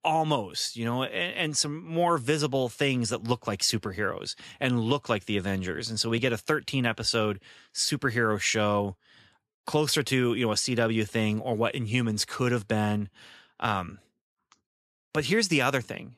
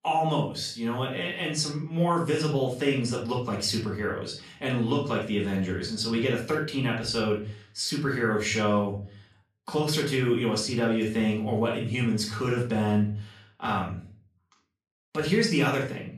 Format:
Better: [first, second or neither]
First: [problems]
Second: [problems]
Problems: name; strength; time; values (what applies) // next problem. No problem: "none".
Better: first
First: none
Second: off-mic speech; far // room echo; slight; dies away in 0.4 s